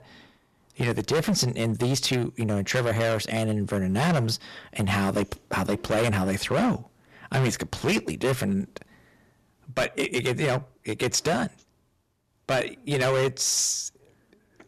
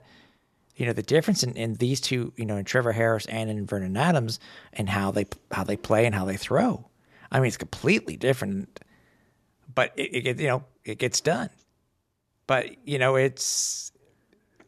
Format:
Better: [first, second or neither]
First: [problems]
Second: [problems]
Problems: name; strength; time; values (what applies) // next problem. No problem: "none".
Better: second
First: distortion; heavy; 11% of the sound clipped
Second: none